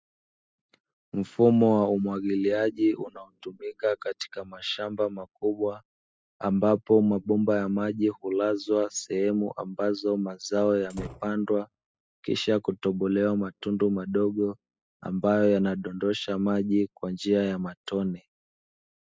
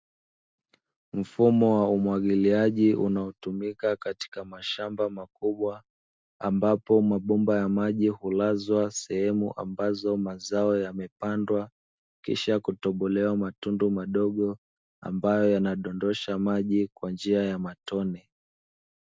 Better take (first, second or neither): second